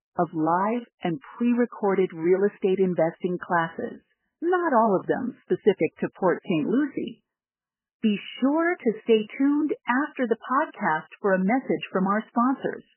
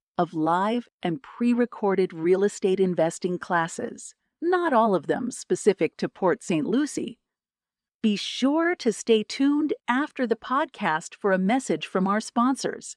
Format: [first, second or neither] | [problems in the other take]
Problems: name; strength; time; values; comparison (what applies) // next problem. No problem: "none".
second | garbled, watery; badly; nothing above 3 kHz